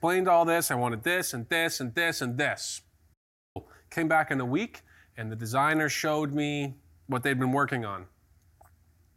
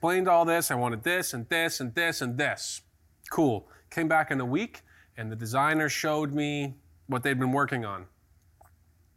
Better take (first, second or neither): second